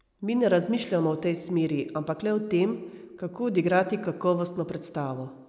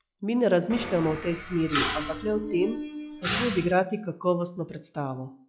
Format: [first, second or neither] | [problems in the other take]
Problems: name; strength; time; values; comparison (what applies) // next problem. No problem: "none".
first | noise reduction (classical method log-MMSE)